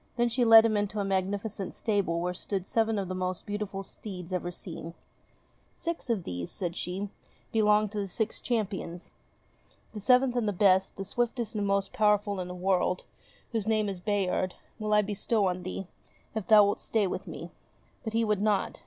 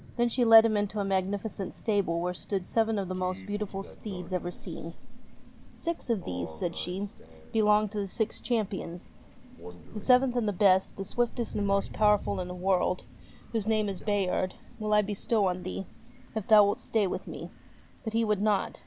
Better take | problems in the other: first | background sound (Crow); 13 dB below the speech

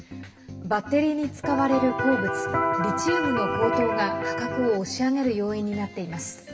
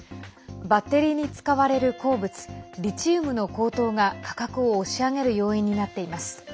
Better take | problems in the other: second | background sound (Electric guitar); as loud as the speech // room echo; dies away in 2.8 s

